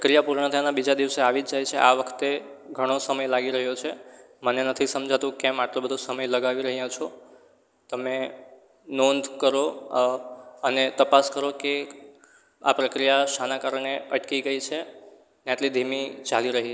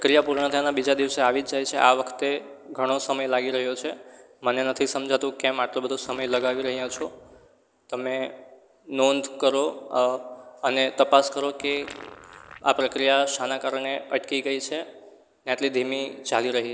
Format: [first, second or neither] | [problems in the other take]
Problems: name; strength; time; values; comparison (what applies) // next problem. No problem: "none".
first | background sound (Fart); 19 dB below the speech